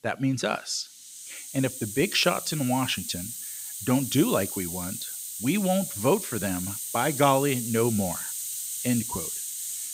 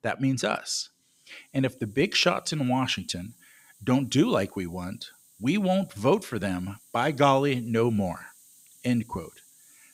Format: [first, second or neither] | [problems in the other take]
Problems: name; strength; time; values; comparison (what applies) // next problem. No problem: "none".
second | hiss; loud; throughout; 5 dB below the speech; faint in the second